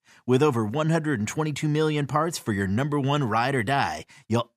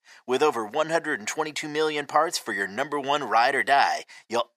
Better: first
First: none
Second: thin; very; fading below 500 Hz

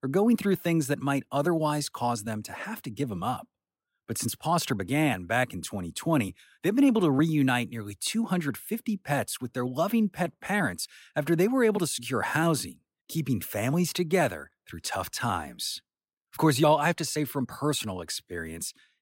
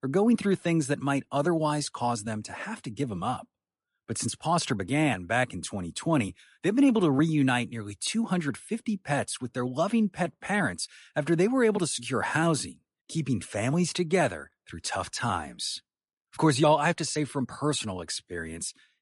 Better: first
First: none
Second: garbled, watery; slightly; nothing above 11 kHz

